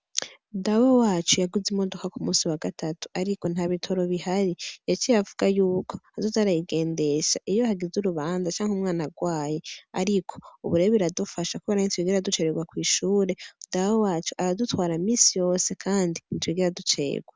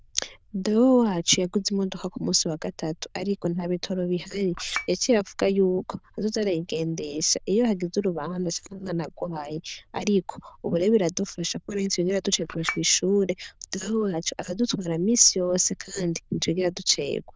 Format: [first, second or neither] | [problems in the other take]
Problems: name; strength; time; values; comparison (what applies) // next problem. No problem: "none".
first | noise reduction (neural diffusion model UNIVERSE++)